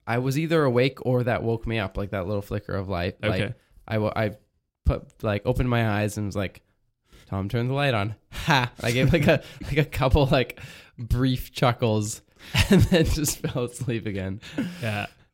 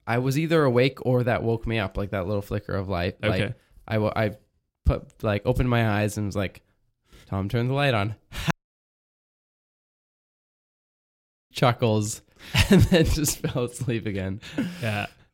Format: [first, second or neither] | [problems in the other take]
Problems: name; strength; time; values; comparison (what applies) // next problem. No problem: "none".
first | audio cutting out; at 8.5 s for 3 s